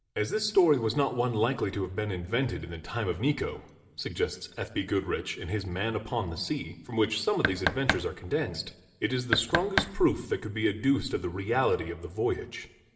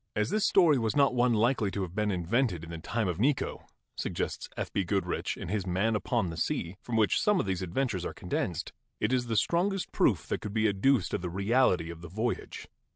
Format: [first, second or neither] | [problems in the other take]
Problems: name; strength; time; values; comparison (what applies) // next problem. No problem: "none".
second | background sound (Knock); 2 dB below the speech // room echo; dies away in 0.9 s